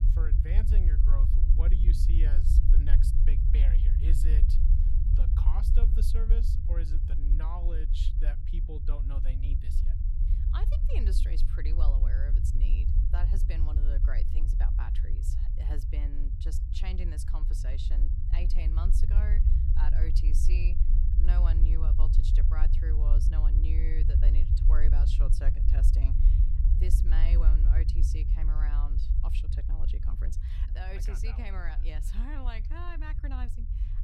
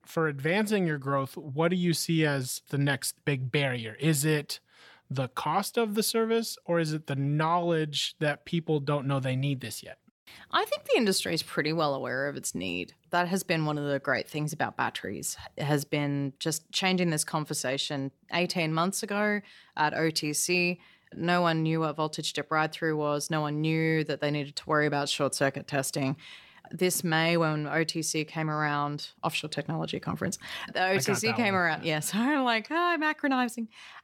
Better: second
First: low rumble; loud; throughout; 2 dB below the speech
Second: none

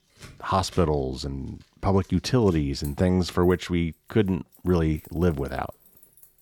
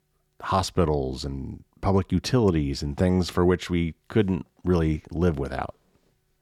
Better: second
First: household noises; faint; throughout; 25 dB below the speech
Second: none

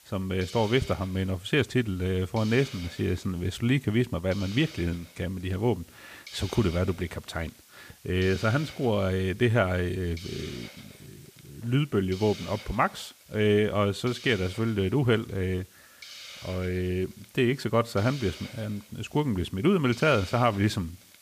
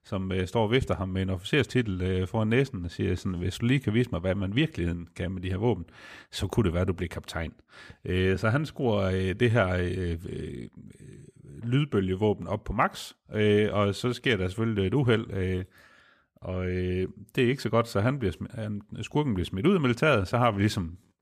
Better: second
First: hiss; noticeable; throughout; 20 dB below the speech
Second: none

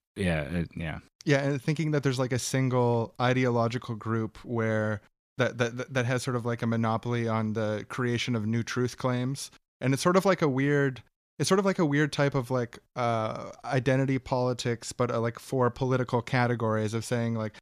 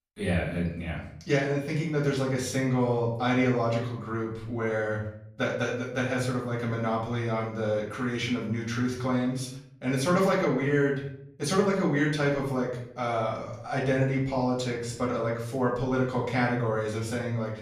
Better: first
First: none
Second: off-mic speech; far // room echo; noticeable; dies away in 0.5 s

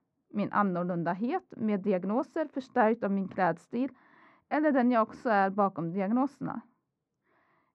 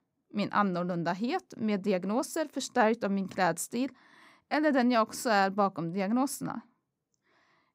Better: second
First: muffled; very; fading above 2 kHz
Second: none

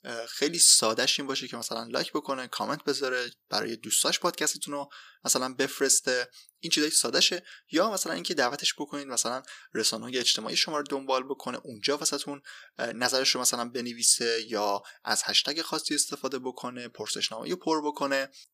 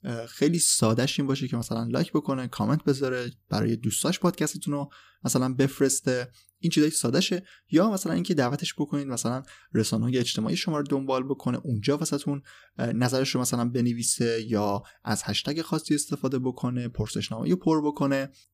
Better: second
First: thin; somewhat; fading below 500 Hz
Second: none

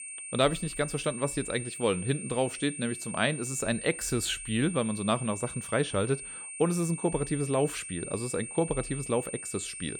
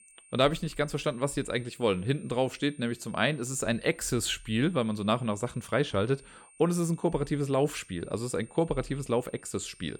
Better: second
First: high-pitched whine; loud; throughout; 8.5 kHz, 8 dB below the speech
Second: high-pitched whine; faint; throughout; 8.5 kHz, 25 dB below the speech

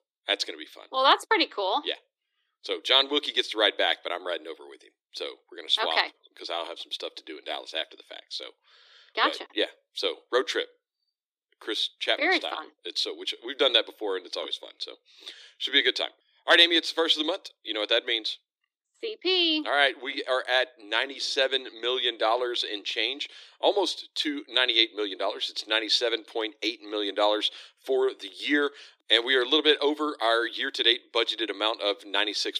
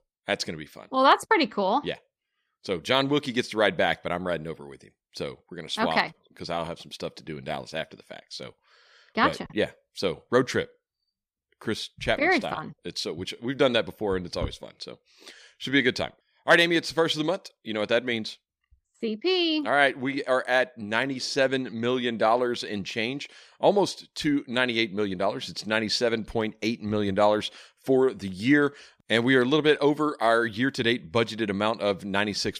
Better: second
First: thin; somewhat; fading below 300 Hz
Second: none

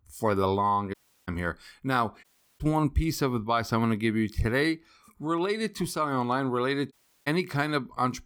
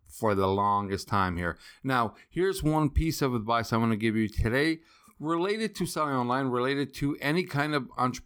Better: second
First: audio cutting out; at 1 s, at 2 s and at 7 s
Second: none

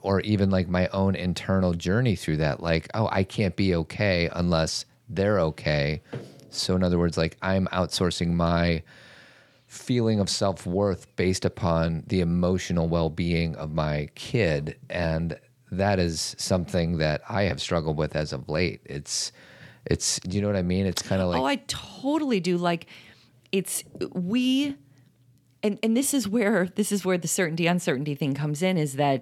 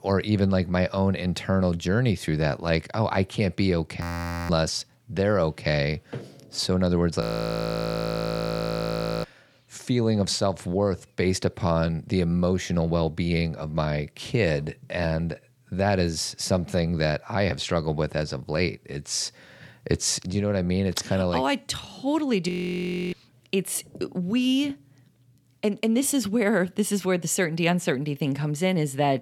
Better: first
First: none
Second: audio freezing; at 4 s, at 7 s for 2 s and at 22 s for 0.5 s

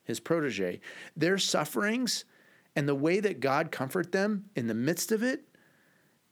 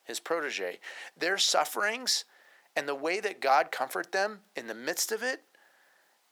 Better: first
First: none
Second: thin; very; fading below 700 Hz

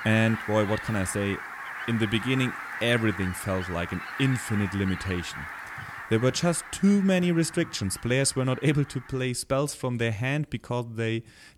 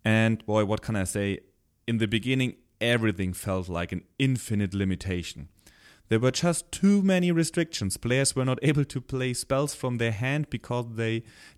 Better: second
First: animal sounds; noticeable; throughout; 10 dB below the speech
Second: none

